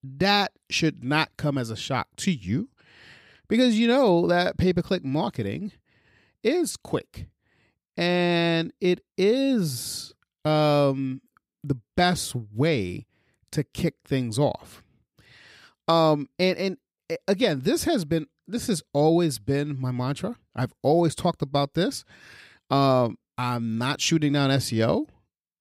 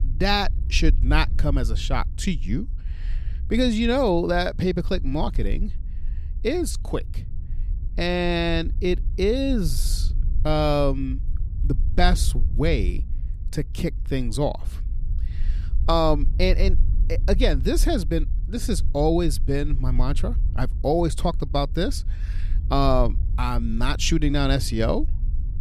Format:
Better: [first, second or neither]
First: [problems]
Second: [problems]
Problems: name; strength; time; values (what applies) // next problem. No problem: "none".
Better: first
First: none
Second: low rumble; faint; throughout; 20 dB below the speech